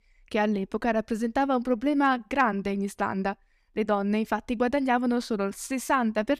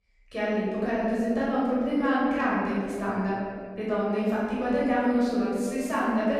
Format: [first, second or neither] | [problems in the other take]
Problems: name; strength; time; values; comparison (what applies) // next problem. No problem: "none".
first | room echo; strong; dies away in 2.4 s // off-mic speech; far